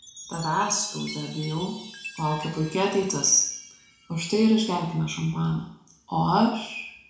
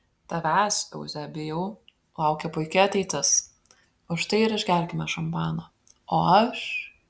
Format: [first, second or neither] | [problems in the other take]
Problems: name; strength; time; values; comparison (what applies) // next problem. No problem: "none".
second | background sound (Chime); 18 dB below the speech // room echo; dies away in 0.6 s